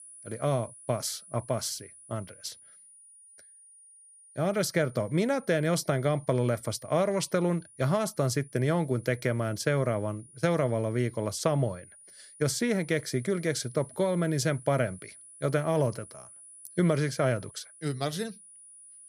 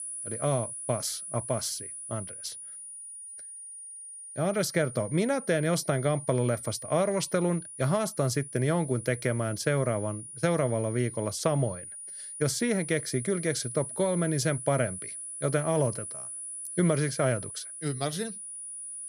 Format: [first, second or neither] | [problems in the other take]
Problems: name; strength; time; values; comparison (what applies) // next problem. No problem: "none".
first | high-pitched whine; loud; throughout; 10 kHz, 9 dB below the speech; faint in the first